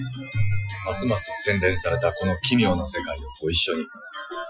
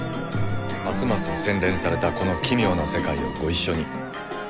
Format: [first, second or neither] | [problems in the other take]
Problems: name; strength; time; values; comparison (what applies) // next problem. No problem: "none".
second | noise reduction (classical method Wiener filter)